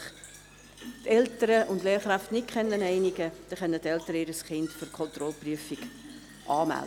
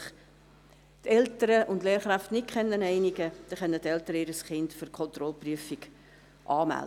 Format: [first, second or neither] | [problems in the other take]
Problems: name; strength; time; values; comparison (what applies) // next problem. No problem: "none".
second | background sound (Fill (with liquid)); 18 dB below the speech